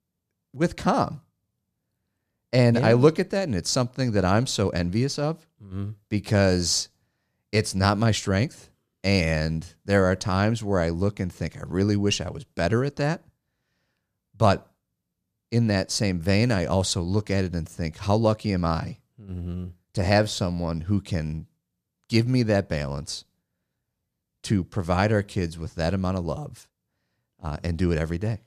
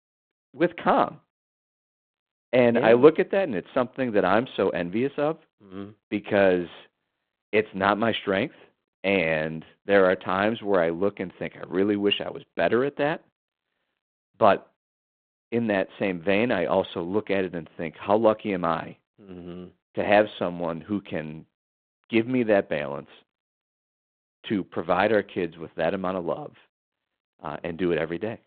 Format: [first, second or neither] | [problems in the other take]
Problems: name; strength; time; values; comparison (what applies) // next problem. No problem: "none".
first | phone-call audio; nothing above 4 kHz